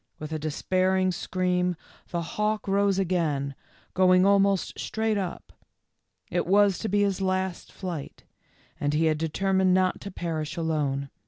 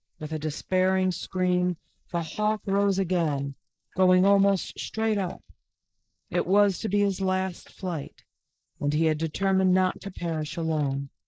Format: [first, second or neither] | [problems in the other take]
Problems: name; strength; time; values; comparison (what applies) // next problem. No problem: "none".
first | noise reduction (neural mask model Resemble Enhance denoiser)